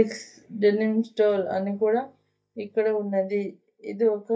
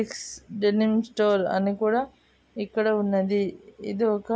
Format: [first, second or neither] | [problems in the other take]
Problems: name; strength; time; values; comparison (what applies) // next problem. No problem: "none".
second | noise reduction (neural mask model DeepFilterNet 3)